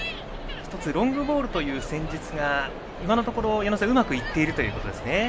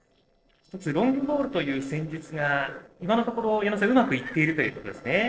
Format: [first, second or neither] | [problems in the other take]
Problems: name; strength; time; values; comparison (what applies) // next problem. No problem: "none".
first | noise reduction (neural separator model SepFormer DNS4)